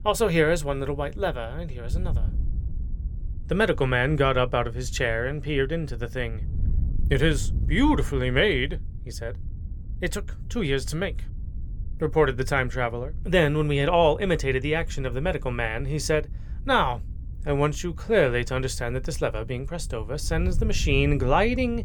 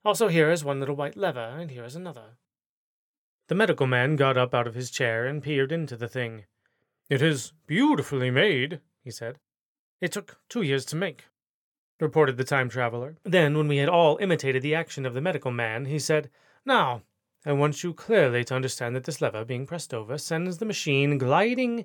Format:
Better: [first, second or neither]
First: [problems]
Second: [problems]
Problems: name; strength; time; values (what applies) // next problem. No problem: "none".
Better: second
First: wind noise on the microphone; occasional gusts; 25 dB below the speech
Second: none